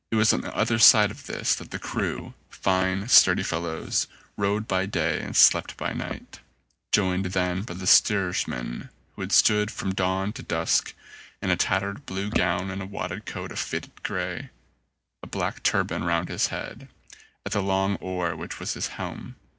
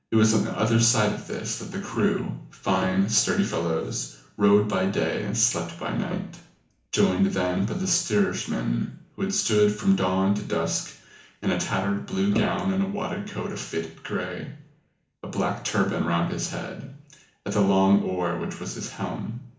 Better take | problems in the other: first | room echo; dies away in 0.8 s

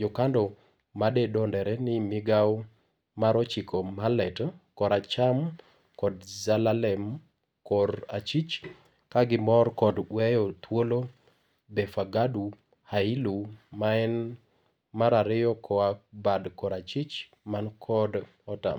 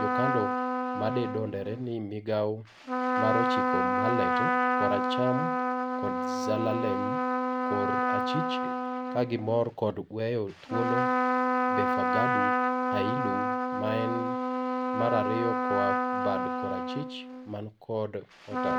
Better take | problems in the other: first | background sound (Trumpet); 4 dB above the speech

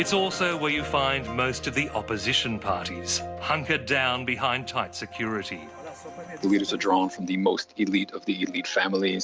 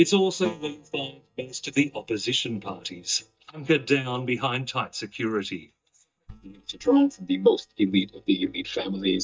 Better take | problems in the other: first | noise reduction (neural mask model DeepFilterNet 3)

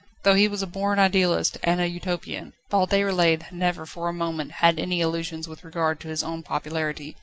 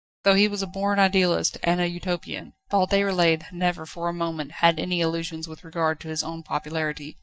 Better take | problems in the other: first | noise reduction (neural mask model DeepFilterNet 3)

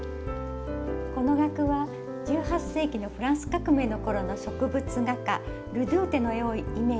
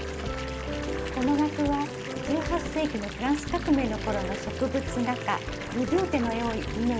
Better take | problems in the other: first | background sound (Fill (with liquid) / Bathtub (filling or washing) / Water tap, faucet); 10 dB below the speech

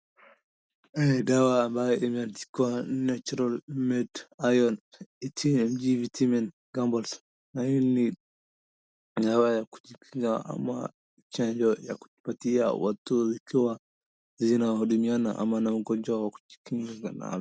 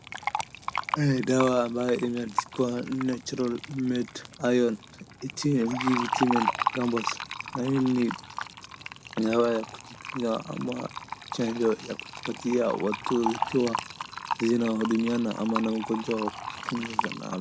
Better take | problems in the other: first | background sound (Fill (with liquid)); 7 dB below the speech

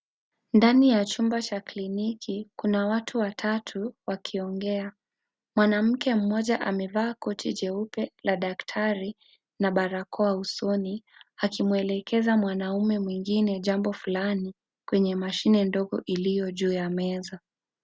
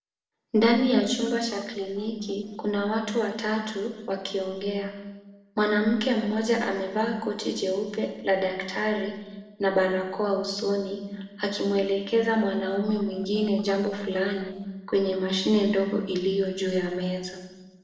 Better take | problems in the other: first | noise reduction (neural separator model SepFormer DNS4)

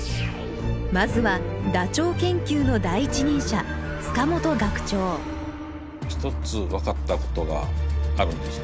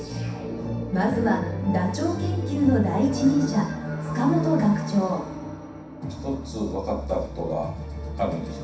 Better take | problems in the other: first | room echo; dies away in 0.7 s

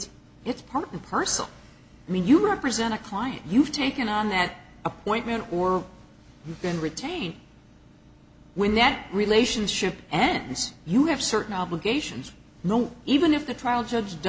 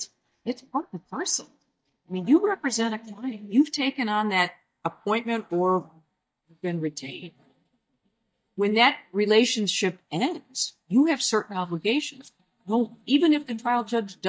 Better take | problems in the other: first | noise reduction (neural mask model DeepFilterNet 3)

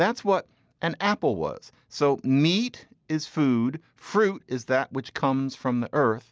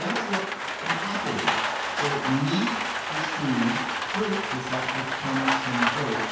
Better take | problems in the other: first | background sound (Rain); 2 dB above the speech // room echo; dies away in 0.6 s

